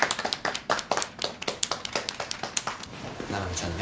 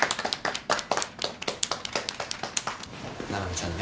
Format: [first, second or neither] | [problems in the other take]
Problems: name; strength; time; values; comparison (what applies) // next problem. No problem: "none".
first | background sound (Dishes, pots, and pans); 18 dB below the speech